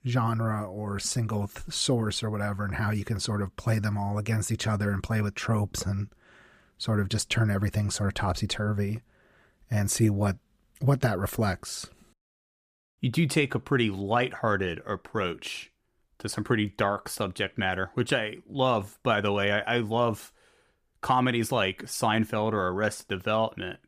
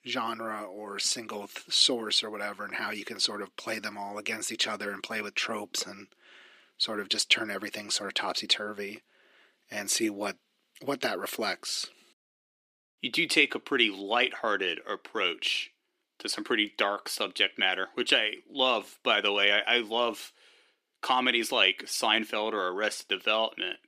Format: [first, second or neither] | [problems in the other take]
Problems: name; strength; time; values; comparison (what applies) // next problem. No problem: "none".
first | thin; somewhat; fading below 300 Hz